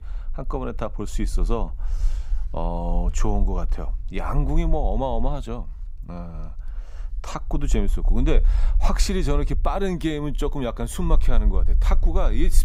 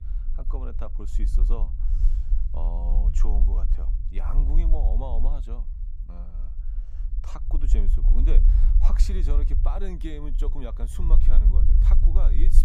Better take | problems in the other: first | low rumble; loud; throughout; 6 dB below the speech; faint in the first

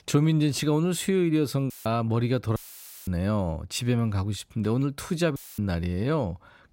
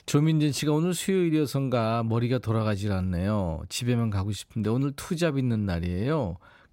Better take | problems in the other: second | audio cutting out; filled with static; at 1.5 s, at 2.5 s for 0.5 s and at 5.5 s

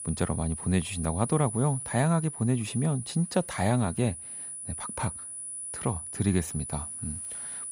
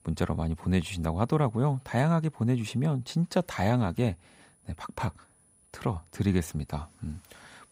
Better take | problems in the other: second | high-pitched whine; loud; throughout; 10 kHz, 7 dB below the speech; faint in the second

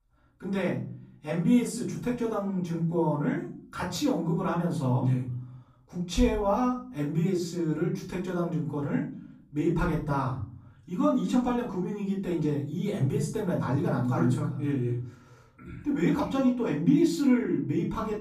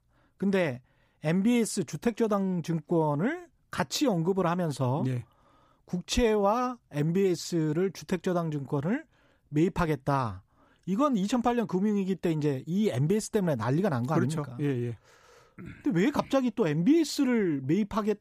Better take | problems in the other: second | off-mic speech; far // room echo; slight; dies away in 0.5 s

